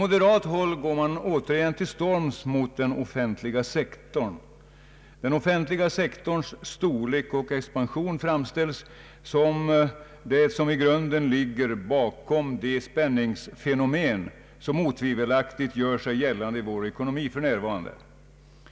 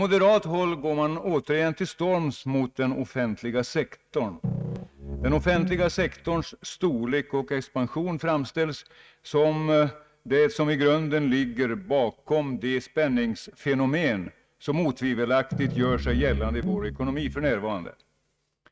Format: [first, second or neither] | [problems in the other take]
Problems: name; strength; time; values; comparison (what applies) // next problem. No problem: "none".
first | noise reduction (neural mask model RNNoise)